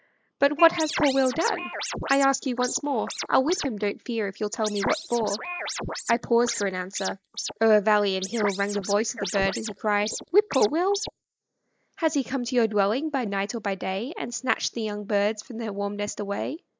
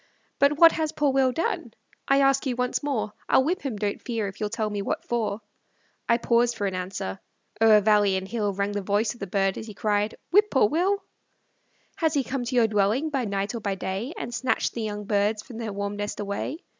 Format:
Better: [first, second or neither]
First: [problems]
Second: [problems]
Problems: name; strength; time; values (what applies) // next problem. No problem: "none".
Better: second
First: noise reduction (neural mask model Resemble Enhance denoiser)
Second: none